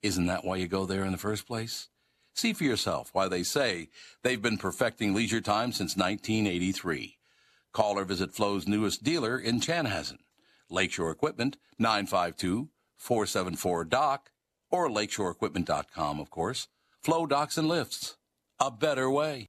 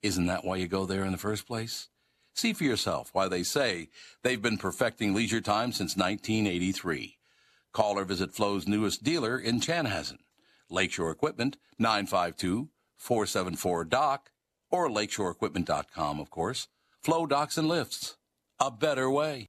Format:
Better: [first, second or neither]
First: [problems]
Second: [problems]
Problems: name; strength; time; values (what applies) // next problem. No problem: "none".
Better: neither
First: none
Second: none